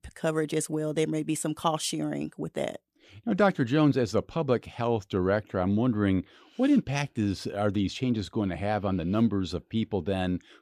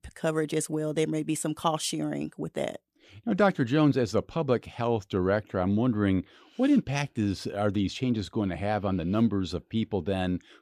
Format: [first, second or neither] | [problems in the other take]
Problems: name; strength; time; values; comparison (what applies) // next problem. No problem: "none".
neither | none